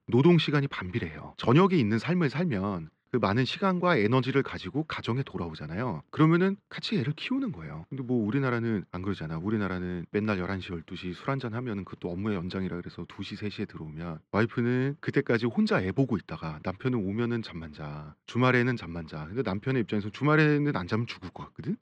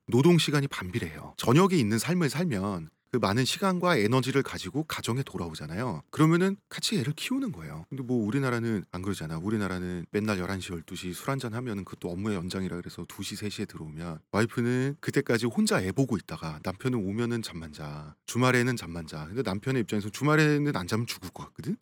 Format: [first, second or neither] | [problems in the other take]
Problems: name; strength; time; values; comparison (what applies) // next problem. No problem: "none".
second | muffled; slightly; fading above 3.5 kHz